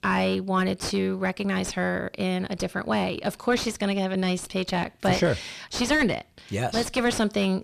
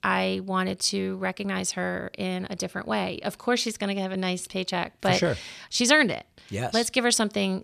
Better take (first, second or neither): second